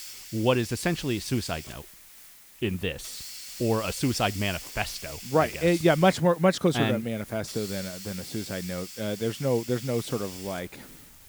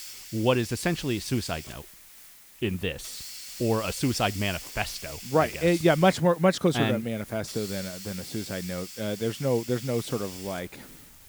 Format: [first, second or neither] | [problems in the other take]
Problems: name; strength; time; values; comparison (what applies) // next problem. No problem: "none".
neither | hiss; noticeable; throughout; 15 dB below the speech; the same in both